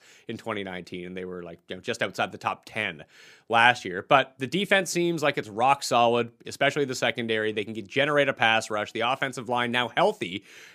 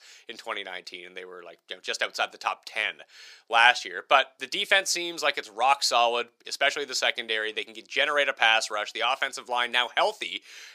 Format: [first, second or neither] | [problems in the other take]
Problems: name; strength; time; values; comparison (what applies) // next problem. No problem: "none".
first | thin; very; fading below 650 Hz